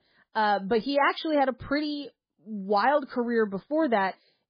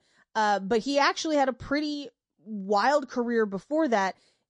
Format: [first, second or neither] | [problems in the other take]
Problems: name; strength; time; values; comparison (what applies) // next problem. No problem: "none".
second | garbled, watery; badly; nothing above 5 kHz; slightly in the second